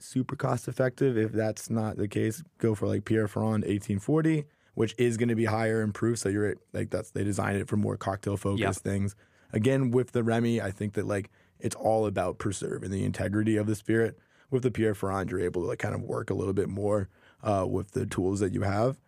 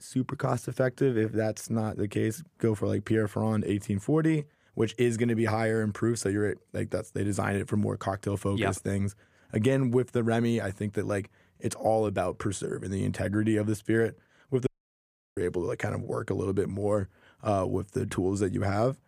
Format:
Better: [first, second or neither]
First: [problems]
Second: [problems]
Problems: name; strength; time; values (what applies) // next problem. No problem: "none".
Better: first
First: none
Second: audio cutting out; at 15 s for 0.5 s